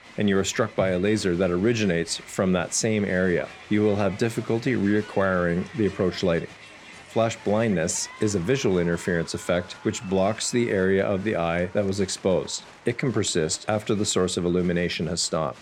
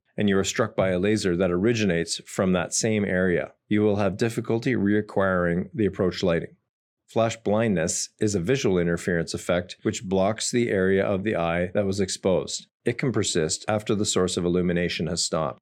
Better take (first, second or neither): second